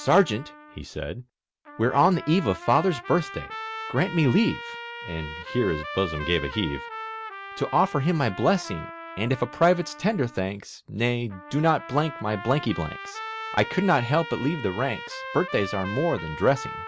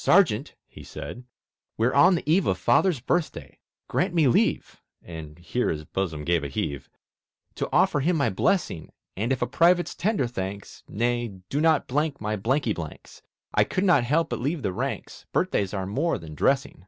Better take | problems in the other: second | background sound (Trumpet); 12 dB below the speech

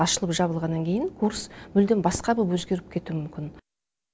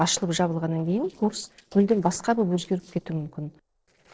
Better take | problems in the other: first | noise reduction (neural separator model SepFormer DNS4)

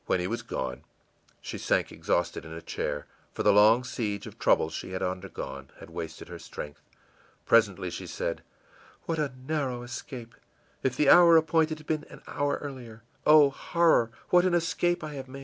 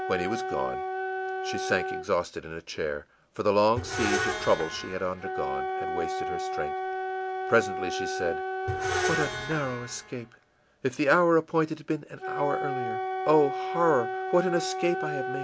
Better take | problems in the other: first | background sound (Screech + Wind instrument, woodwind instrument); 3 dB below the speech

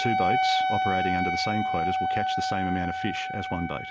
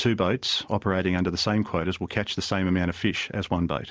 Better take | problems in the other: second | background sound (Wind instrument, woodwind instrument); 4 dB above the speech

